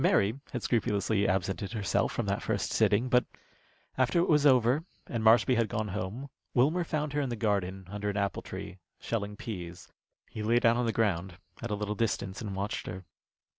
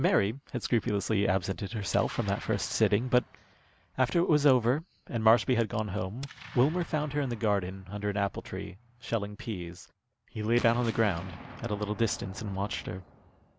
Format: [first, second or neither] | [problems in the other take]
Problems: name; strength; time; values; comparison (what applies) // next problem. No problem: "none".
first | background sound (Explosion); 20 dB below the speech